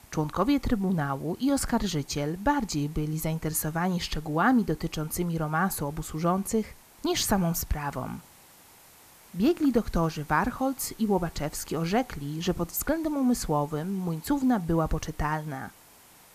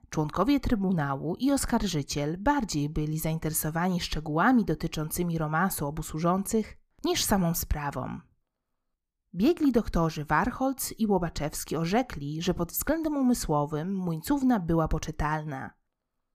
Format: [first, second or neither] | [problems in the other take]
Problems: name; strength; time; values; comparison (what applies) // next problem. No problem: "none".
second | hiss; faint; throughout; 25 dB below the speech